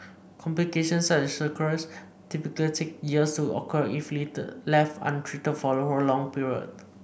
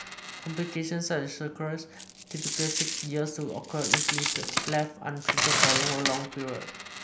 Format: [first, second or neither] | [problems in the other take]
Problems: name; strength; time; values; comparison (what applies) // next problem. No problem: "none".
first | background sound (Coin (dropping)); 2 dB above the speech